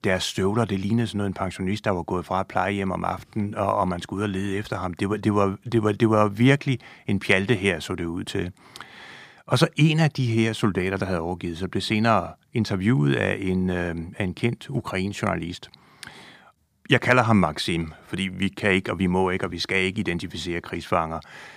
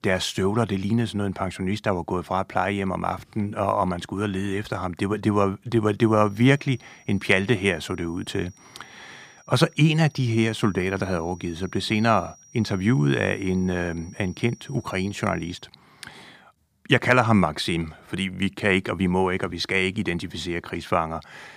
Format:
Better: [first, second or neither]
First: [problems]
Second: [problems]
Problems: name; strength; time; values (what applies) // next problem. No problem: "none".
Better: first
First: none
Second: high-pitched whine; faint; from 6 to 16 s; 5.5 kHz, 25 dB below the speech